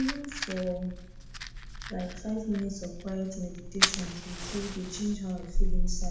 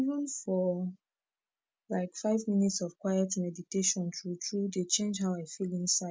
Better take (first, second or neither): second